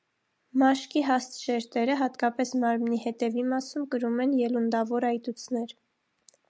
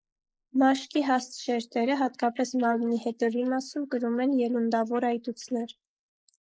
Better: first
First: none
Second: noise reduction (neural mask model Resemble Enhance denoiser)

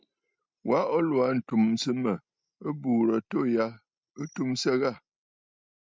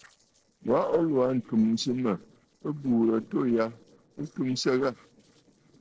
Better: first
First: none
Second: noise reduction (neural separator model SepFormer DNS4)

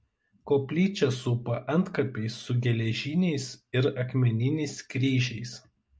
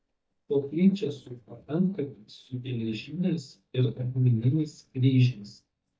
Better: first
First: none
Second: noise reduction (neural mask model DeepFilterNet 3)

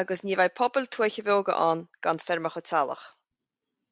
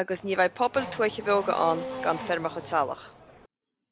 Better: first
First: none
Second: background sound (Race car, auto racing / Accelerating, revving, vroom); 11 dB below the speech

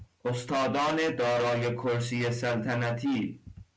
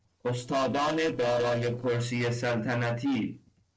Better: first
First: none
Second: noise reduction (neural separator model SepFormer DNS4)

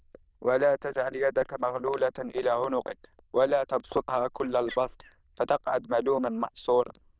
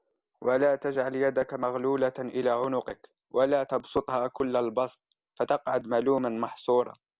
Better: second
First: noise reduction (neural diffusion model UNIVERSE++)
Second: none

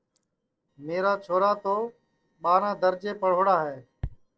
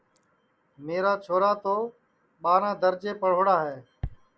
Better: second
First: noise reduction (neural separator model SepFormer DNS4)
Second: none

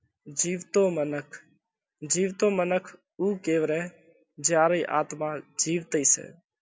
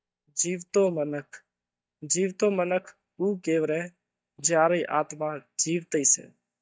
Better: first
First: none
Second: noise reduction (neural mask model DeepFilterNet 3)

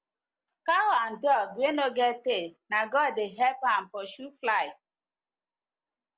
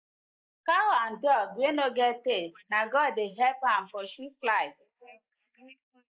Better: first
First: none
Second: noise reduction (neural mask model Resemble Enhance denoiser)

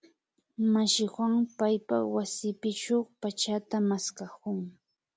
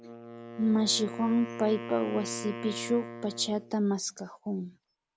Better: first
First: none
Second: background sound (Wind instrument, woodwind instrument); 11 dB below the speech

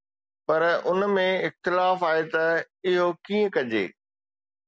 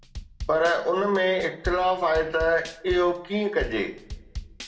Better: first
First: none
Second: background sound (Drum / Drum kit); 13 dB below the speech // room echo; dies away in 0.5 s

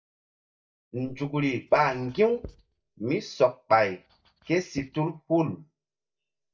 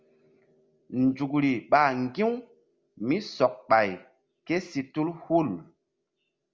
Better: second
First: noise reduction (neural mask model DeepFilterNet 3)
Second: none

